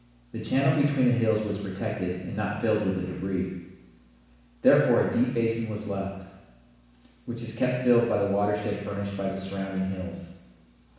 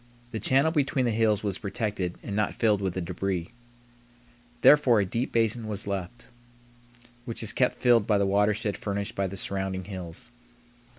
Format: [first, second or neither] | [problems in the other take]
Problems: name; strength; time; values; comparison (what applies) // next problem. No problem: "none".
second | room echo; dies away in 1.1 s